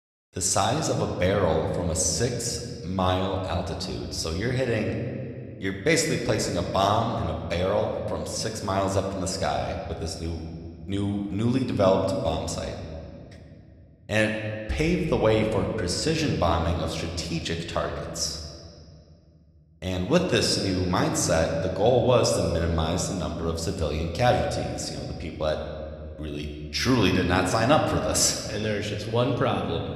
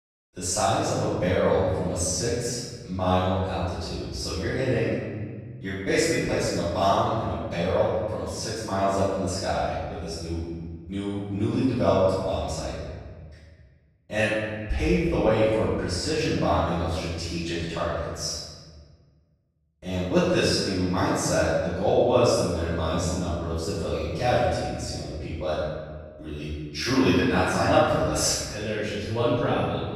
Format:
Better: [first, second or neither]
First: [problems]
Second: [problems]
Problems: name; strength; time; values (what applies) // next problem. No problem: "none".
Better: first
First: room echo; slight; dies away in 2.1 s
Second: room echo; strong; dies away in 1.5 s // off-mic speech; far